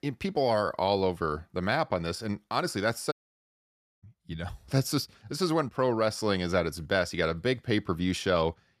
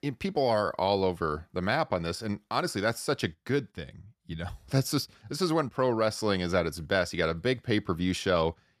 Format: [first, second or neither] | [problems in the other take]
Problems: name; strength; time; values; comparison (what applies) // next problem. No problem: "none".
second | audio cutting out; at 3 s for 1 s